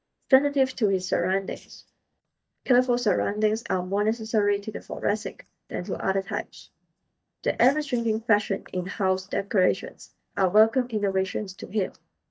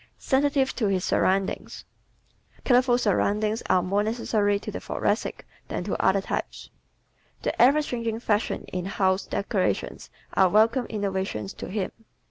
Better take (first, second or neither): second